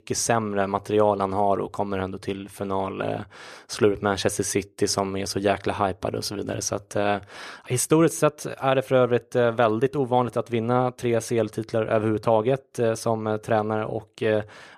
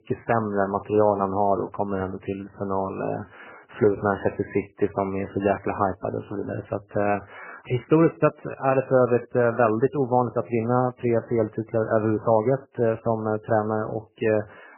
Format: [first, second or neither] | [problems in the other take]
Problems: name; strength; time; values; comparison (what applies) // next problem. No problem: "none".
first | garbled, watery; badly; nothing above 3 kHz